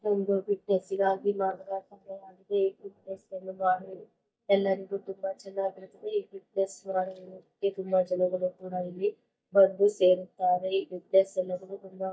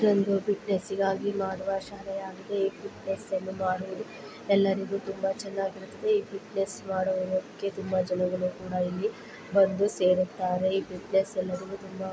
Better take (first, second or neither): second